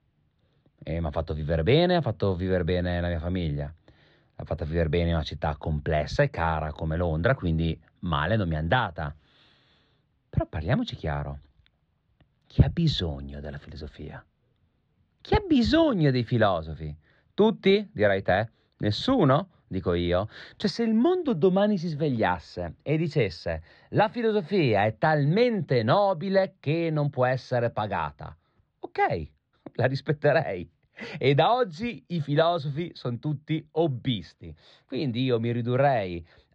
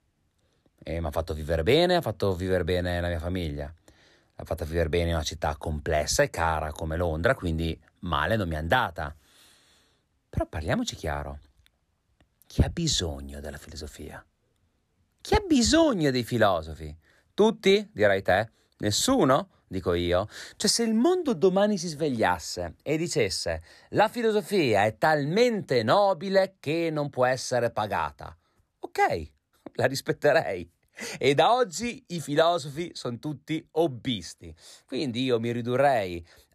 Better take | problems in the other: second | muffled; slightly; fading above 3.5 kHz

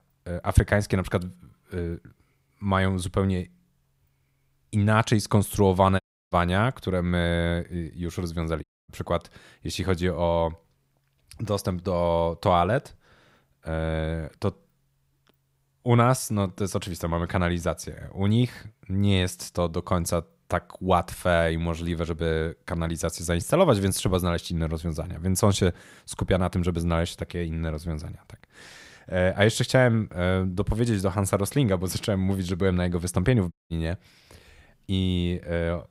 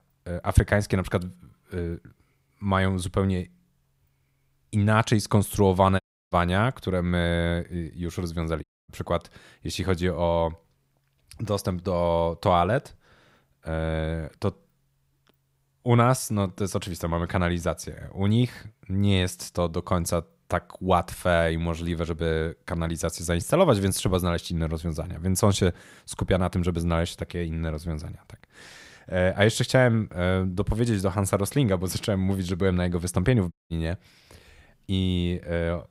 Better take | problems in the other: neither | audio cutting out; at 6 s, at 8.5 s and at 34 s; the same in both

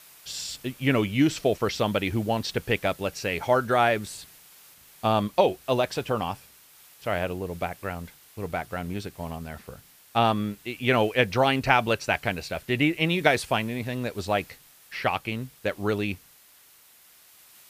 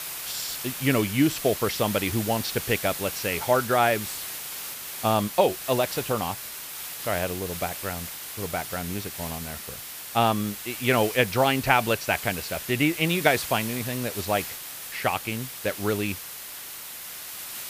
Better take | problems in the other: first | hiss; loud; throughout; 7 dB below the speech; faint in the first

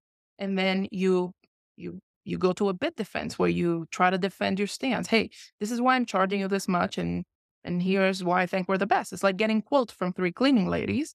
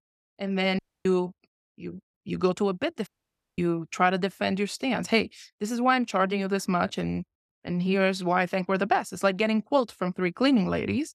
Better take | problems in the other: first | audio cutting out; at 1 s and at 3 s for 0.5 s

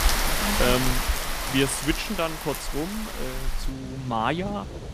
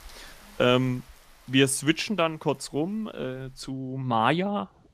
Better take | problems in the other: second | rain or running water; loud; throughout; as loud as the speech; faint in the second

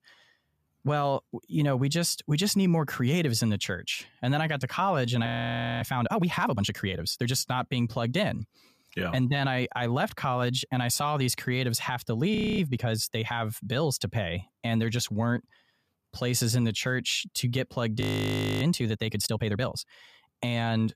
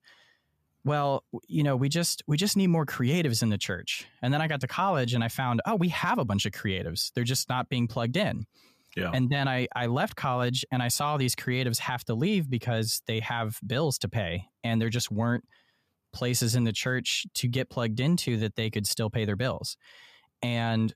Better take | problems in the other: second | audio freezing; at 5.5 s for 0.5 s, at 12 s and at 18 s for 0.5 s

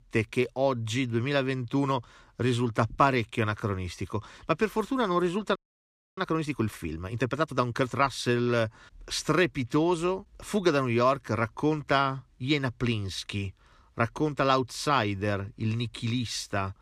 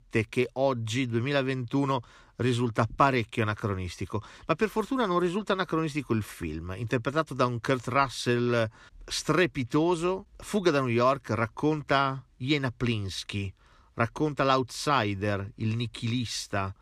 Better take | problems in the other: second | audio freezing; at 5.5 s for 0.5 s

